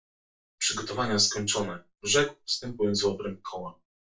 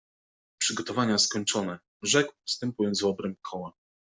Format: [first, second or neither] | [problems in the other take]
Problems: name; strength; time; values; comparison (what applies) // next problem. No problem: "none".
second | room echo; dies away in 0.2 s